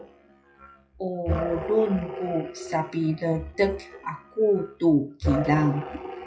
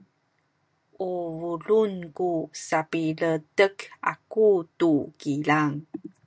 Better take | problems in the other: second | noise reduction (classical method WPE with log-MMSE)

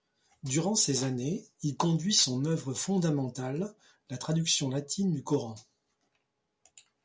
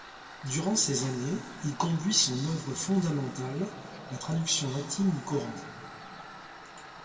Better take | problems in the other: first | background sound (Tools); 15 dB below the speech // room echo; dies away in 1.9 s

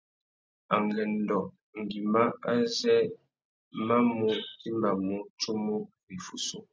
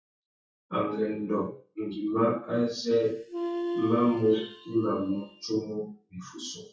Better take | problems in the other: first | noise reduction (classical method WPE with log-MMSE)

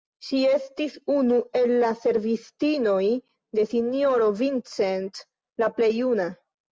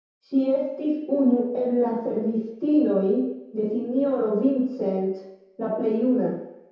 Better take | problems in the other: first | room echo; dies away in 0.8 s

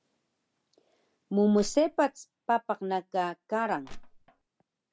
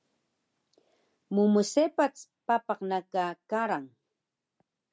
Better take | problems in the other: second | background sound (Crushing); 14 dB below the speech

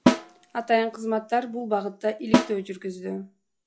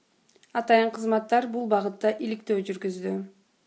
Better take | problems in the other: second | noise reduction (classical method log-MMSE)

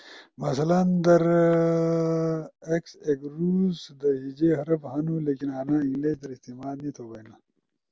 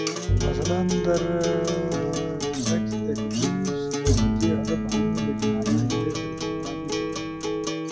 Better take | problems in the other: first | background sound (Bowed string instrument + Acoustic guitar); 5 dB above the speech

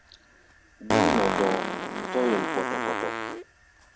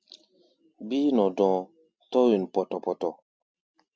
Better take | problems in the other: second | background sound (Fart); 2 dB above the speech

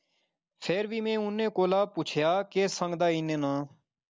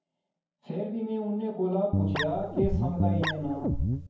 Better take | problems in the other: first | background sound (Guitar); 3 dB above the speech // room echo; dies away in 0.9 s

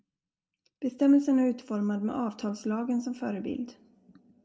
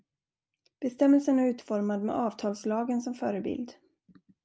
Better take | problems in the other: second | room echo; dies away in 0.7 s

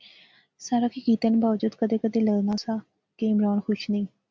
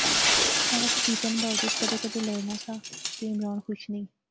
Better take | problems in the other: first | background sound (Shatter); 4 dB above the speech

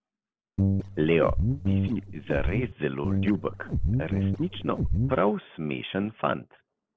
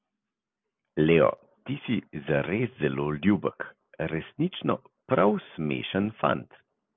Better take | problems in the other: second | noise reduction (neural separator model SepFormer DNS4)

